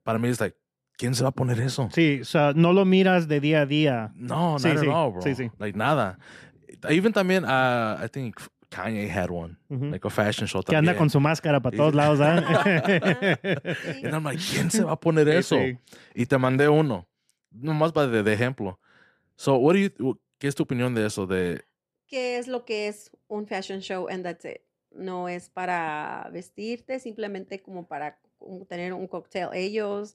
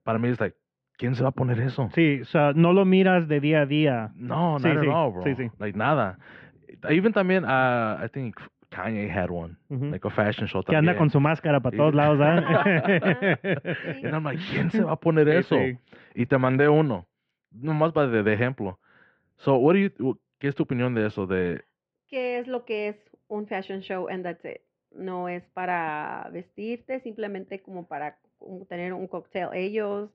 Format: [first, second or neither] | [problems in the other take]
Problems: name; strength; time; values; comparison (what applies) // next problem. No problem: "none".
first | muffled; very; fading above 3 kHz